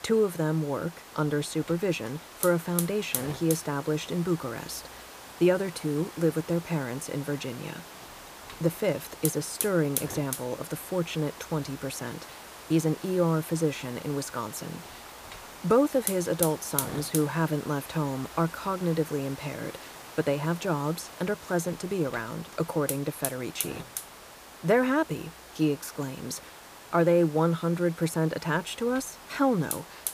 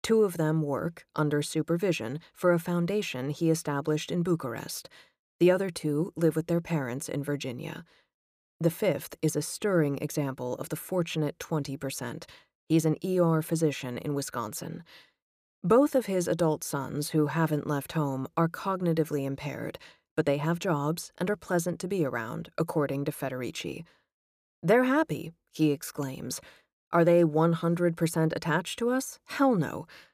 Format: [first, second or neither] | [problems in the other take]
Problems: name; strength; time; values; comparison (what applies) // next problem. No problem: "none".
second | hiss; loud; throughout; 10 dB below the speech